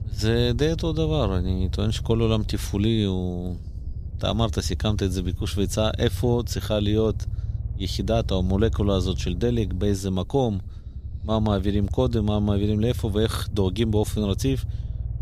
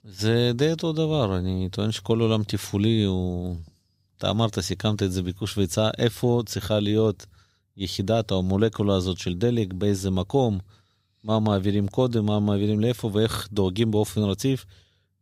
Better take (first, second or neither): second